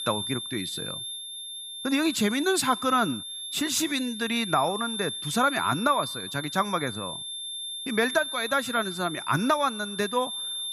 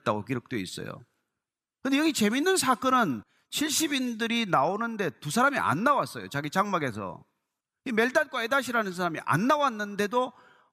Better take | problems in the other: second | high-pitched whine; loud; throughout; 3.5 kHz, 7 dB below the speech

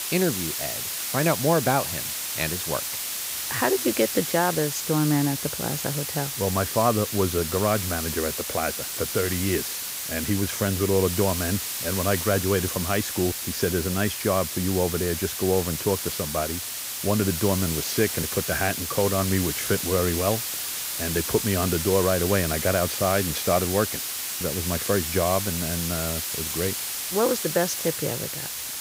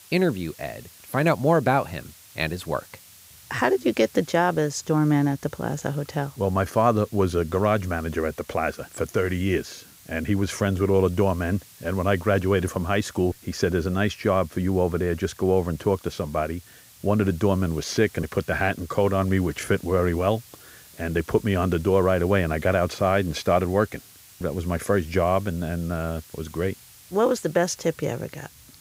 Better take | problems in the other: second | hiss; loud; throughout; 2 dB below the speech; faint in the second

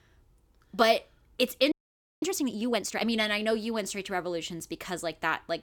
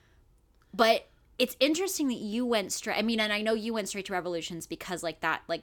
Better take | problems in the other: second | audio freezing; at 1.5 s for 0.5 s

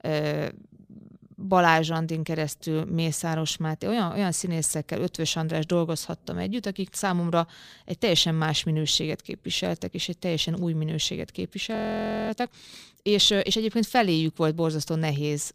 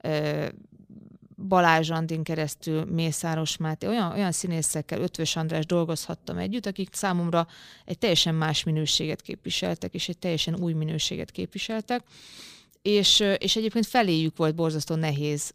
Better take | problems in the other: second | audio freezing; at 12 s for 0.5 s

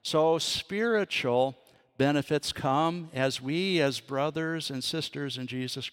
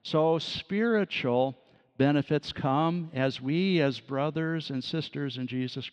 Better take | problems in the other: first | muffled; very slightly; fading above 4 kHz

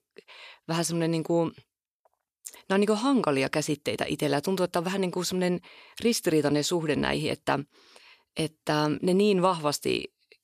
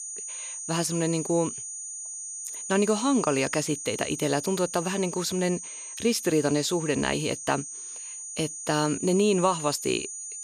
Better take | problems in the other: first | high-pitched whine; loud; throughout; 6.5 kHz, 8 dB below the speech

